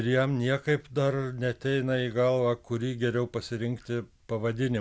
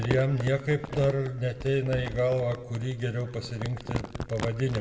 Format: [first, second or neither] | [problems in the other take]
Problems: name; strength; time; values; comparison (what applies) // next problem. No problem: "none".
first | background sound (Crumpling, crinkling); 10 dB below the speech // room echo; dies away in 1.1 s